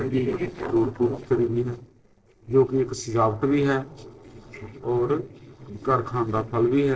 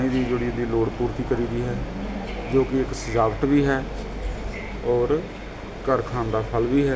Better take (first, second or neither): second